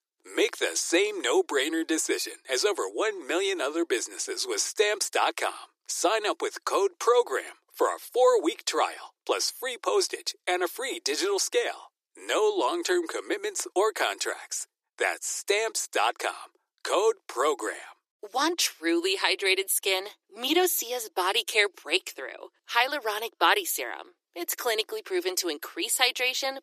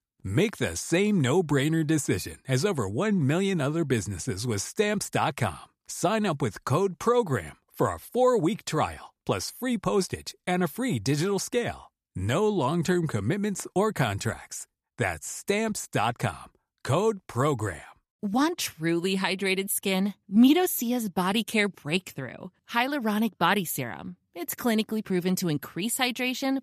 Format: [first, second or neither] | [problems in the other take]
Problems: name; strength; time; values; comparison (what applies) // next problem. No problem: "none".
second | thin; very; fading below 350 Hz